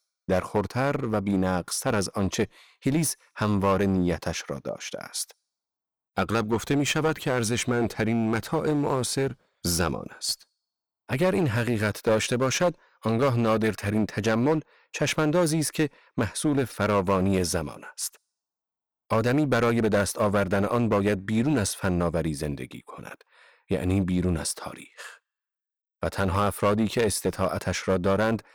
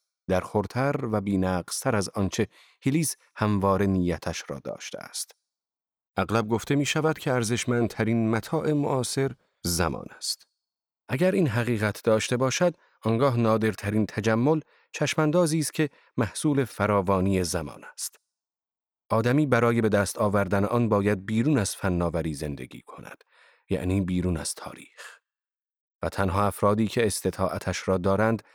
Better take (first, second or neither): second